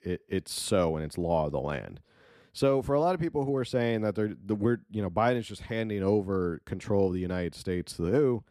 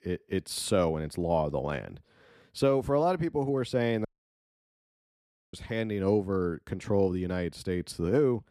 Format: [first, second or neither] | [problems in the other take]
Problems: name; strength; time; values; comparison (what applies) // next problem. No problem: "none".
first | audio cutting out; at 4 s for 1.5 s